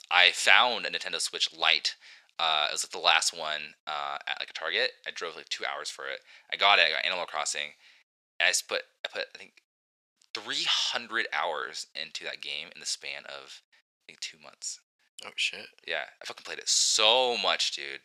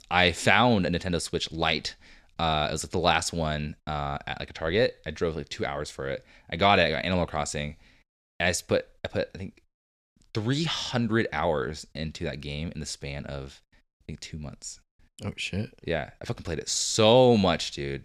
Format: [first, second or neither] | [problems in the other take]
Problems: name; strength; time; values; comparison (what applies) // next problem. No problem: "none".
second | thin; very; fading below 900 Hz